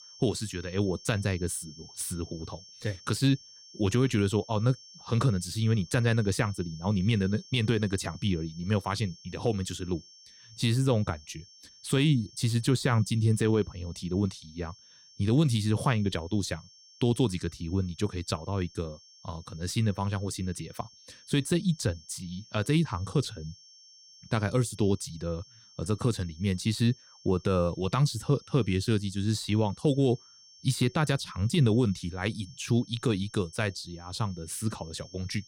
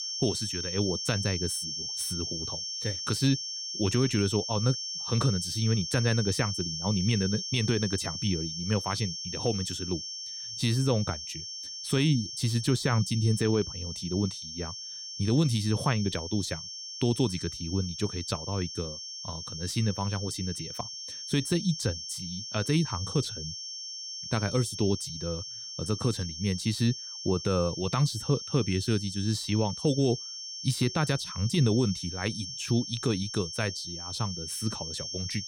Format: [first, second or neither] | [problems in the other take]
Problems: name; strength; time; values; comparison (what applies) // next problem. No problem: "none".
first | high-pitched whine; loud; throughout; 5.5 kHz, 5 dB below the speech; faint in the first